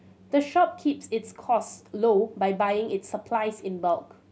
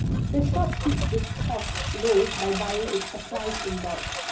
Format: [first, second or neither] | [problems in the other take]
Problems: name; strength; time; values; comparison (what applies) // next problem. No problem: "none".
first | background sound (Engine); as loud as the speech // room echo; dies away in 0.5 s